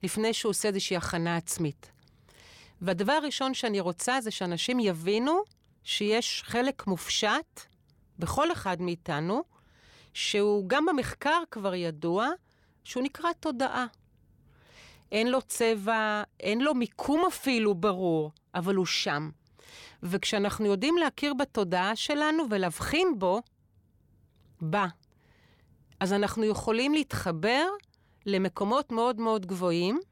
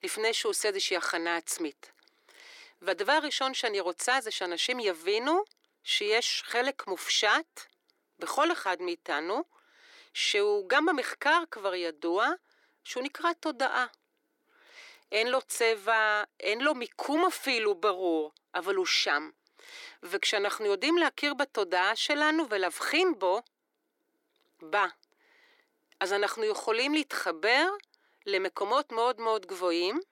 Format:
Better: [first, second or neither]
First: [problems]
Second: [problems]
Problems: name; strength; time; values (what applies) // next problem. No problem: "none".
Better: first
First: none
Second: thin; somewhat; fading below 300 Hz